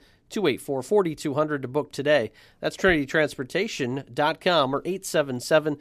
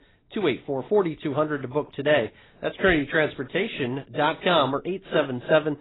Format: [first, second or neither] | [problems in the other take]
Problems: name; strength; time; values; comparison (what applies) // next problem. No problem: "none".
first | garbled, watery; badly; nothing above 4 kHz